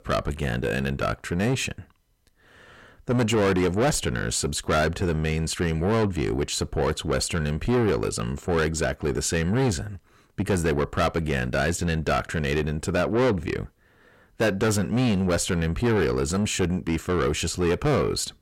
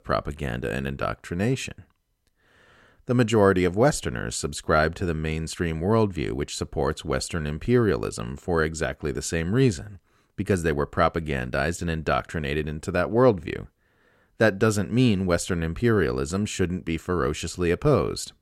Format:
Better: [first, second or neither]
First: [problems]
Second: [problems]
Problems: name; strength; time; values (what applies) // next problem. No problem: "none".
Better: second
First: distortion; heavy; 7 dB below the speech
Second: none